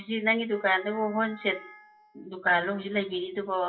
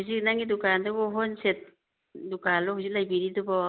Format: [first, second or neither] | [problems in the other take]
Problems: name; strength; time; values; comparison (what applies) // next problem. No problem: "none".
second | noise reduction (classical method WPE with log-MMSE)